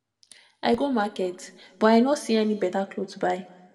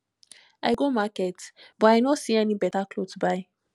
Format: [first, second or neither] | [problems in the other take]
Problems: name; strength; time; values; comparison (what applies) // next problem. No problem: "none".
second | room echo; dies away in 1 s